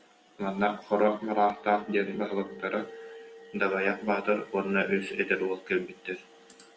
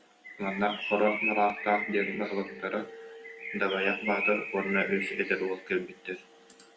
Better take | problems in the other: first | background sound (Bird); 6 dB below the speech

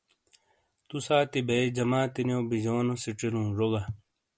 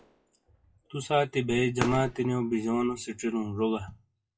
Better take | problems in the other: first | noise reduction (classical method WPE with log-MMSE)

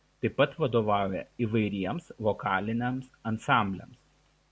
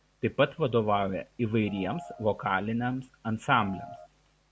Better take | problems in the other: first | background sound (Piano); 15 dB below the speech

